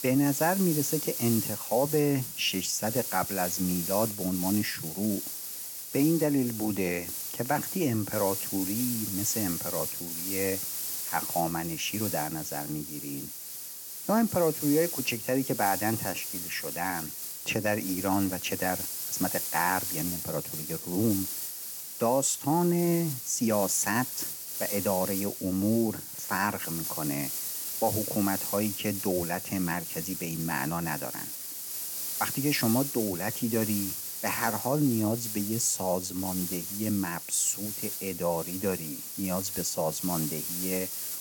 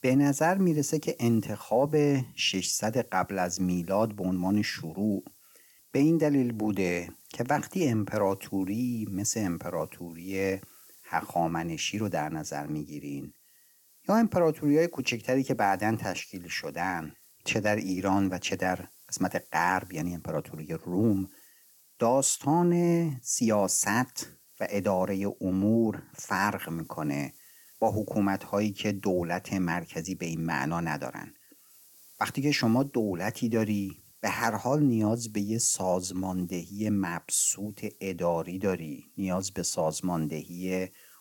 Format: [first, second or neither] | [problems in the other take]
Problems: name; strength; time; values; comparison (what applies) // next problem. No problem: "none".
second | hiss; loud; throughout; 3 dB below the speech; faint in the second